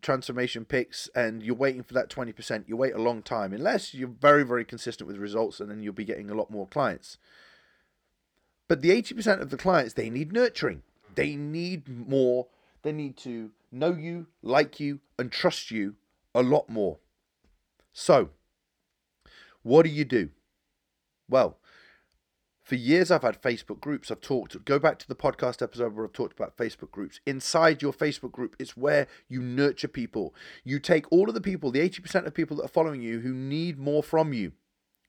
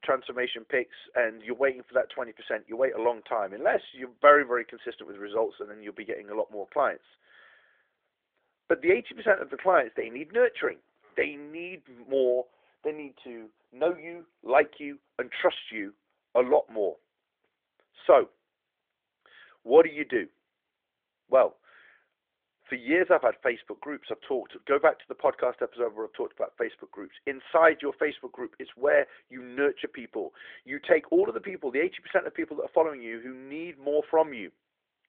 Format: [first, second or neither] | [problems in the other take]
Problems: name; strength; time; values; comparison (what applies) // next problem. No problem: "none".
first | phone-call audio; nothing above 3.5 kHz